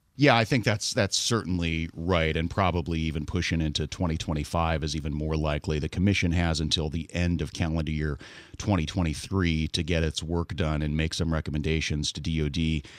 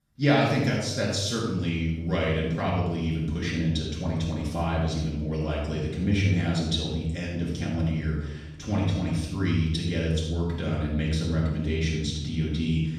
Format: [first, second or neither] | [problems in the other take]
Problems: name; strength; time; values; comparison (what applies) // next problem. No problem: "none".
first | off-mic speech; far // room echo; noticeable; dies away in 0.8 s